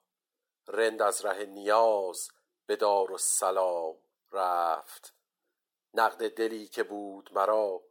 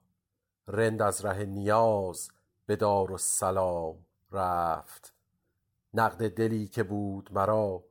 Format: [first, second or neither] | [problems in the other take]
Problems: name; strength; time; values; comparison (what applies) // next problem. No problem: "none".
second | thin; very; fading below 350 Hz